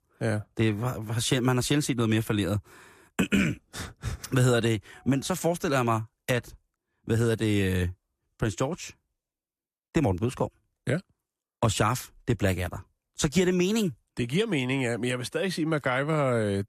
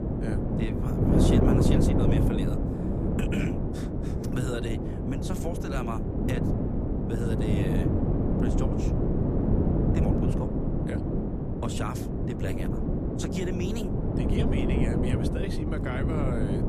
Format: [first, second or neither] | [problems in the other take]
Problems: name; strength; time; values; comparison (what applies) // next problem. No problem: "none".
first | wind noise on the microphone; heavy; 5 dB above the speech